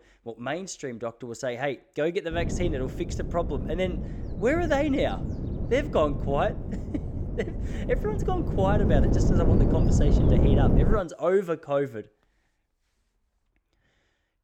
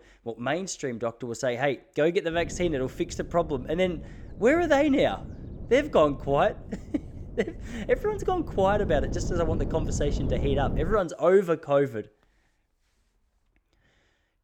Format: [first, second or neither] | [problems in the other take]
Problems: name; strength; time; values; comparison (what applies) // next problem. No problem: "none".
second | wind noise on the microphone; heavy; from 2.5 to 11 s; 6 dB below the speech; occasional gusts in the second